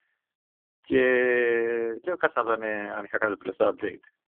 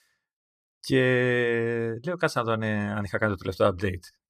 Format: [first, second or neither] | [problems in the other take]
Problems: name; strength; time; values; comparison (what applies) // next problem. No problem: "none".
second | phone-call audio; poor line; nothing above 3 kHz